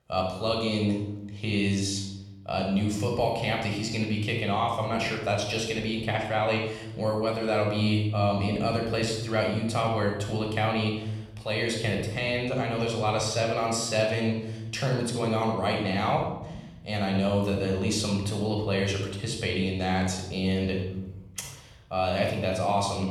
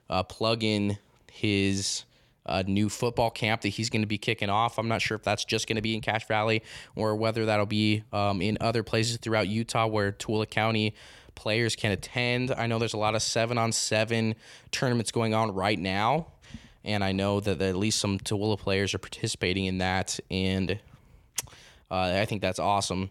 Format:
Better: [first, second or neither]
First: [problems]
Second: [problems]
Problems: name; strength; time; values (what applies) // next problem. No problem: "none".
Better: second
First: off-mic speech; somewhat distant // room echo; noticeable; dies away in 0.9 s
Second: none